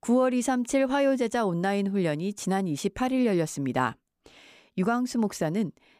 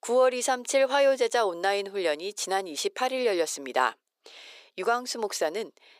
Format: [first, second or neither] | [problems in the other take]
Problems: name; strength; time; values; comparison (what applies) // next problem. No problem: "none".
first | thin; very; fading below 450 Hz